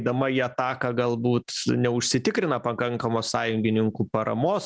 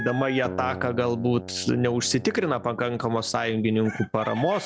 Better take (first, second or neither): first